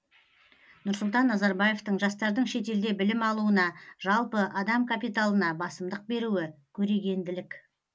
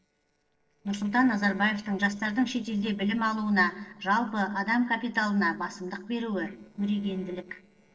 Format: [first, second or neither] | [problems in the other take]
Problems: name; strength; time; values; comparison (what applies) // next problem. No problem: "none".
first | noise reduction (neural separator model SepFormer DNS4)